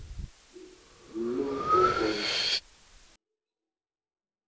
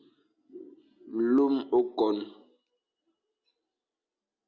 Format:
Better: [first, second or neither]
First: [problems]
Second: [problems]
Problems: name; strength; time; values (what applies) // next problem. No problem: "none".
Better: second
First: background sound (Breathing); 3 dB above the speech // room echo; dies away in 0.6 s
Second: none